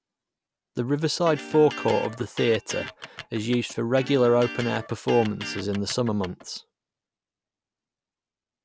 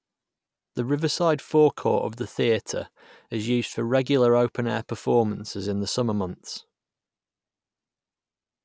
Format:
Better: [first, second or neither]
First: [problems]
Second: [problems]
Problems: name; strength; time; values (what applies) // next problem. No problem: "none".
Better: second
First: background sound (Electric guitar); 12 dB below the speech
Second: none